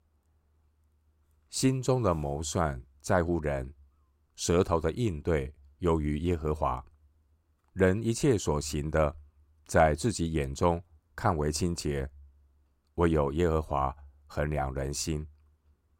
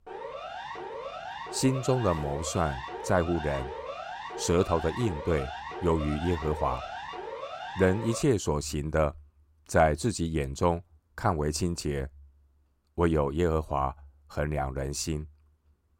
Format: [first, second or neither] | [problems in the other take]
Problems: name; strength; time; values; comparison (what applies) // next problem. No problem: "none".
first | siren; noticeable; until 8 s; peak 9 dB below the speech